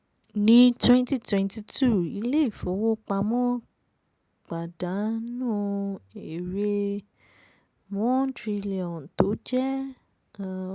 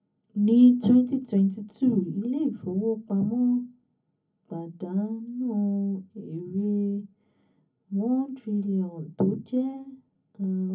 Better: first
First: none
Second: room echo; dies away in 0.3 s

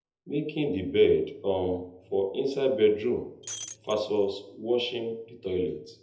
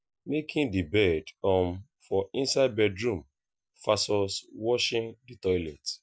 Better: second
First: background sound (Shatter); 14 dB below the speech // room echo; dies away in 0.8 s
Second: none

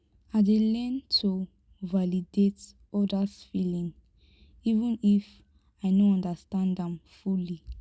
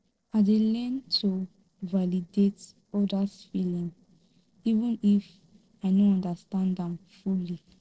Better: first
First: none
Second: noise reduction (neural separator model SepFormer DNS4)

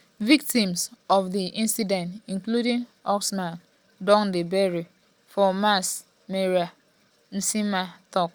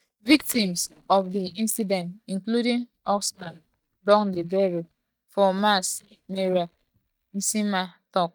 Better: first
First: none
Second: noise reduction (neural mask model DeepFilterNet 3)

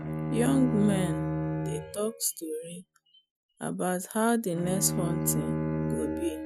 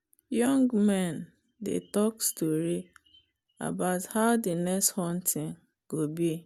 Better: second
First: noise reduction (classical method Wiener filter)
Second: none

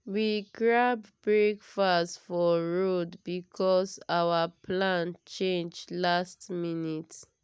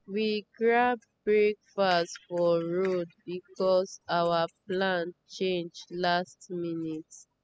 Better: first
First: none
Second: noise reduction (classical method spectral subtraction)

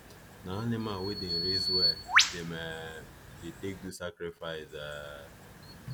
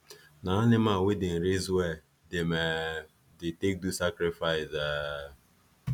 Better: second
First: background sound (Bird vocalization, bird call, bird song); 5 dB above the speech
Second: none

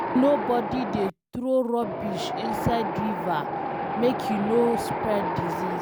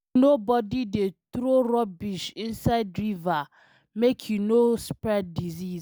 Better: second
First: background sound (Wind); 3 dB below the speech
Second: none

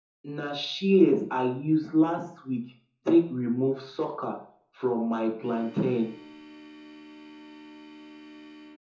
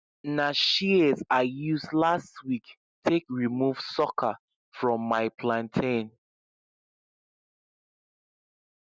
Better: second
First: background sound (Organ); 19 dB below the speech // room echo; dies away in 0.5 s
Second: none

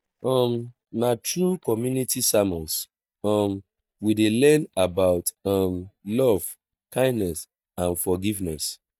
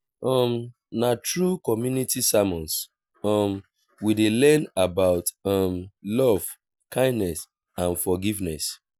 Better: second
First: noise reduction (neural mask model DeepFilterNet 3)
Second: none

